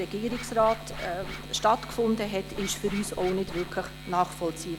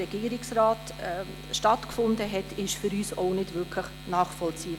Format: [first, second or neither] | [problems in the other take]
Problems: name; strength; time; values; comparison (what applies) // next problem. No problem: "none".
second | background sound (Scratching (performance technique)); 14 dB below the speech